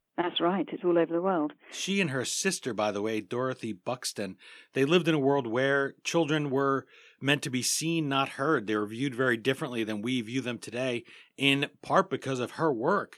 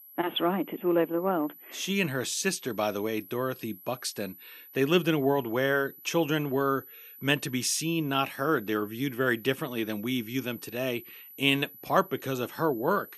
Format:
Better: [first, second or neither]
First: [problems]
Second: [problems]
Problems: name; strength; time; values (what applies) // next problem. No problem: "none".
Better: first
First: none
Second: high-pitched whine; noticeable; throughout; 12 kHz, 20 dB below the speech